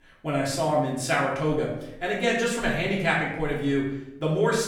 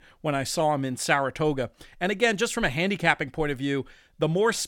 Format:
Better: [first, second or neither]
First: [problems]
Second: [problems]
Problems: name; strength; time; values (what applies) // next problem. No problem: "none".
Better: second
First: off-mic speech; far // room echo; noticeable; dies away in 0.7 s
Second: none